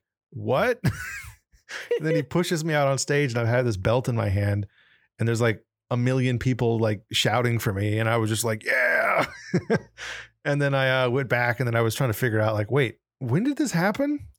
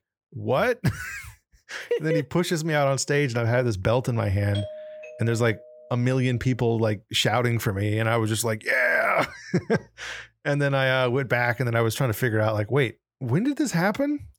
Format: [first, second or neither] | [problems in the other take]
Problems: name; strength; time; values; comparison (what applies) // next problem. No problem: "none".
first | doorbell; faint; from 4.5 to 6 s; peak 10 dB below the speech